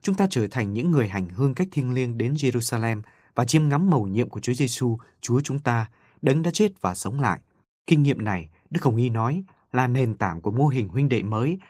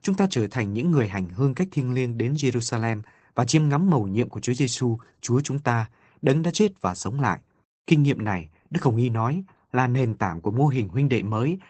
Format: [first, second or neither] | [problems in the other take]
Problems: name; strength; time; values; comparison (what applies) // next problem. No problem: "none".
first | garbled, watery; badly; nothing above 8 kHz; slightly in the first